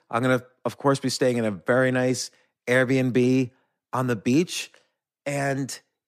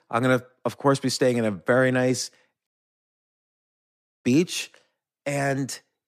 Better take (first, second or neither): first